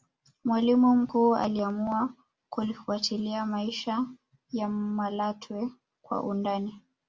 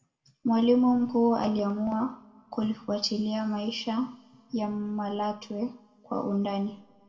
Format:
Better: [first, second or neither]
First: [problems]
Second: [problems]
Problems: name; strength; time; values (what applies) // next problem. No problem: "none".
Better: first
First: none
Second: room echo; dies away in 1.7 s